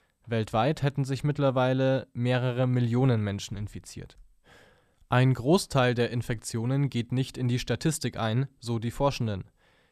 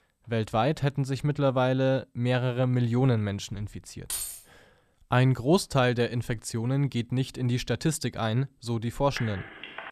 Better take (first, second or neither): first